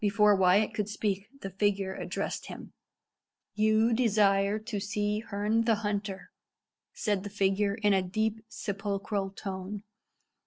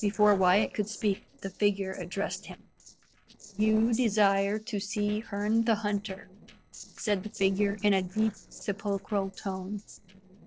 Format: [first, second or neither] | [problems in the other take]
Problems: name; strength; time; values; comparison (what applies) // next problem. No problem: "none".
first | noise reduction (neural separator model SepFormer DNS4)